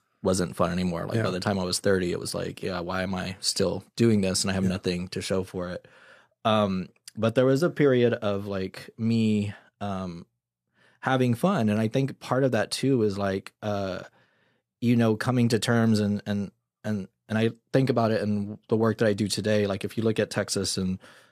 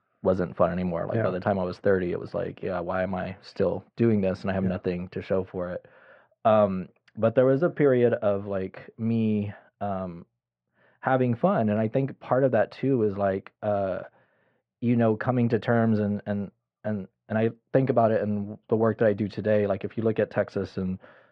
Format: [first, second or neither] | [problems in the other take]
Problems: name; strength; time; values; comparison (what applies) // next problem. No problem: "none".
first | muffled; very; fading above 2.5 kHz